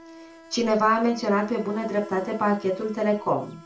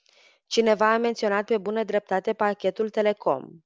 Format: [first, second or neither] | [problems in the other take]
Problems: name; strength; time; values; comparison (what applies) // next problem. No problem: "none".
second | background sound (Insect); 19 dB below the speech // room echo; dies away in 0.3 s